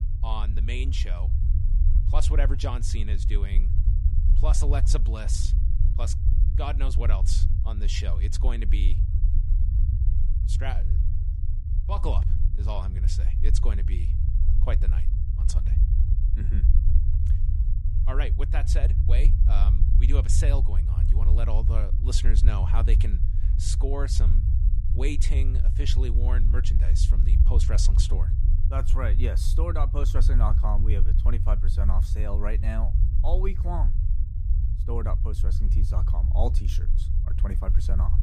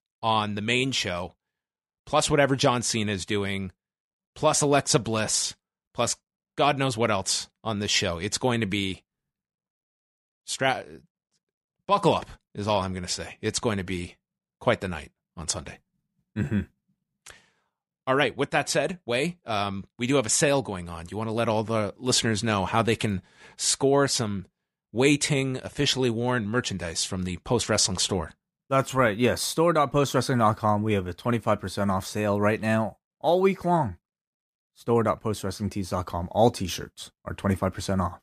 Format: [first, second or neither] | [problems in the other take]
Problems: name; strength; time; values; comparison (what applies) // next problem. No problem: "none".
second | low rumble; loud; throughout; 7 dB below the speech